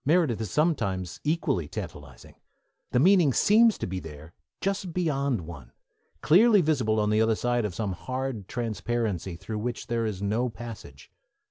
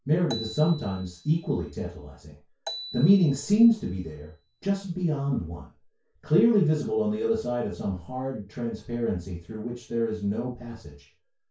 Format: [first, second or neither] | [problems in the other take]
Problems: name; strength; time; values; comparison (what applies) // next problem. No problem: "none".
first | background sound (Marimba, xylophone); 16 dB below the speech // room echo; dies away in 0.2 s